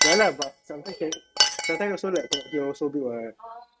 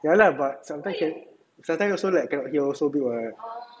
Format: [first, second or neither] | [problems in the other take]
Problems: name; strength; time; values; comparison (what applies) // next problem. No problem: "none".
second | noise reduction (neural mask model RNNoise)